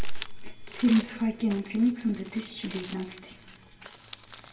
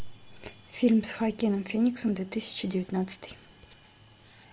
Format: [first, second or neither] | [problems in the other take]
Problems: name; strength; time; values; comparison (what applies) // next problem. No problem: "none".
second | background sound (Crumpling, crinkling); 17 dB below the speech // room echo; dies away in 0.7 s